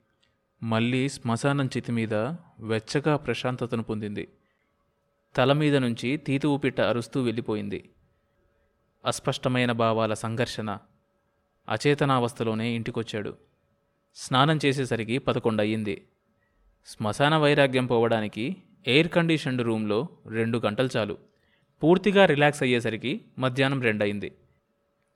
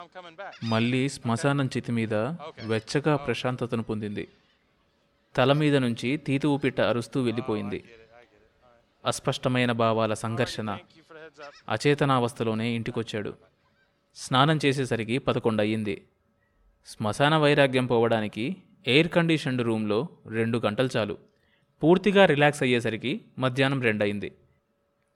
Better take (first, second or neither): first